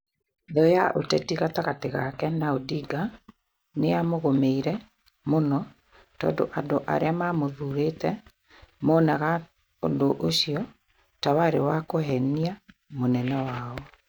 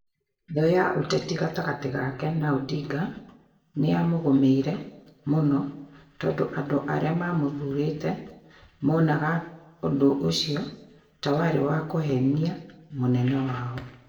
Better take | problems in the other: first | room echo; dies away in 0.7 s

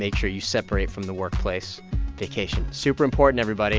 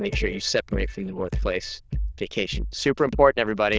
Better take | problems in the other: first | noise reduction (neural diffusion model UNIVERSE++)

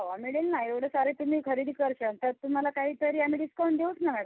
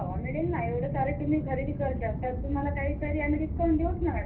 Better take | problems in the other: first | background sound (Aircraft); 1 dB below the speech // room echo; dies away in 0.3 s

